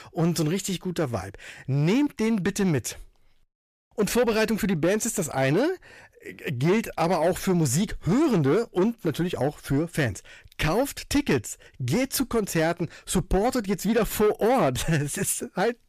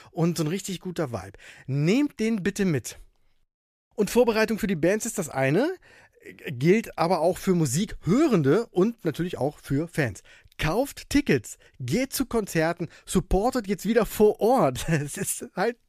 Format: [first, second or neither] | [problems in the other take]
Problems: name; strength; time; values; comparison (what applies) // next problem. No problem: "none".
second | distortion; slight; 10 dB below the speech